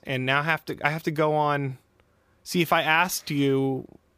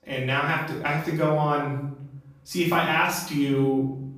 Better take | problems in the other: first | room echo; noticeable; dies away in 0.7 s // off-mic speech; far

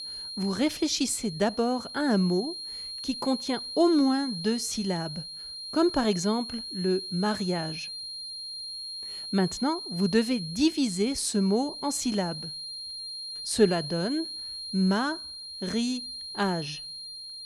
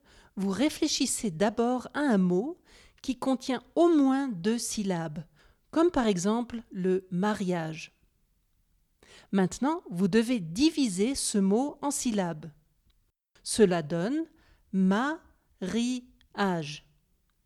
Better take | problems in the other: second | high-pitched whine; loud; throughout; 4 kHz, 8 dB below the speech

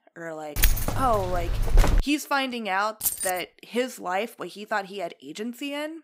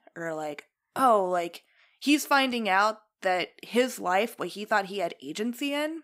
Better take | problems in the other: second | jangling keys; loud; from 0.5 to 2 s and at 3 s; peak 5 dB above the speech

